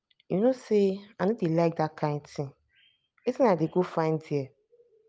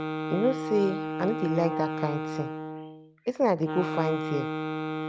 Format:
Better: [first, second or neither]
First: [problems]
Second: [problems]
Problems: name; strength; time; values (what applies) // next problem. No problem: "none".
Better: first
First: none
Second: background sound (Wind instrument, woodwind instrument); 3 dB below the speech